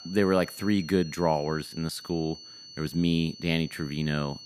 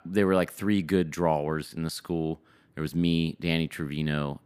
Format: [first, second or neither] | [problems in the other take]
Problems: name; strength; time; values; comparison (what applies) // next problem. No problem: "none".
second | high-pitched whine; noticeable; throughout; 4.5 kHz, 15 dB below the speech